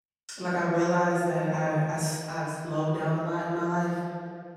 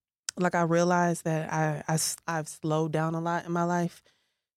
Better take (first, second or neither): second